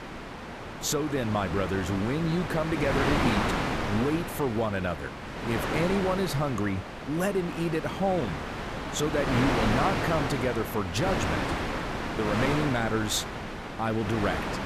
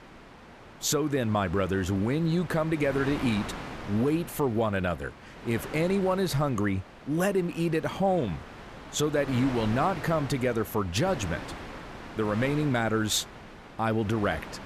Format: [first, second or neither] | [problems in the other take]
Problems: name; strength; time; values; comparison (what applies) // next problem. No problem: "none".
second | wind noise on the microphone; heavy; 1 dB below the speech; occasional gusts in the second